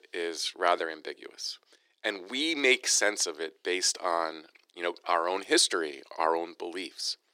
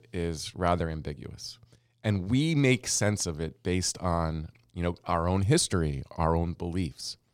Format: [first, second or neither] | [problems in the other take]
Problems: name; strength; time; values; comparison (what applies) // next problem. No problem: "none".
second | thin; very; fading below 350 Hz